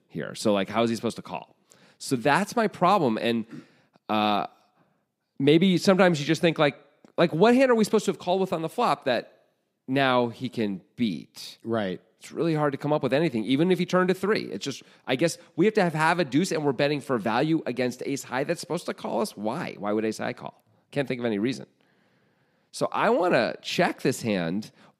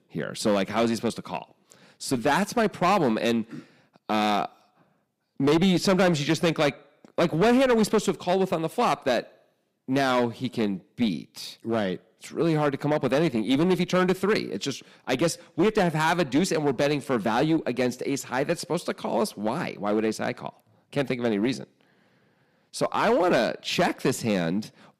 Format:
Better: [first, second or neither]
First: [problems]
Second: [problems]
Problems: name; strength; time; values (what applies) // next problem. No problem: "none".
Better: first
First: none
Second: distortion; slight; 7% of the sound clipped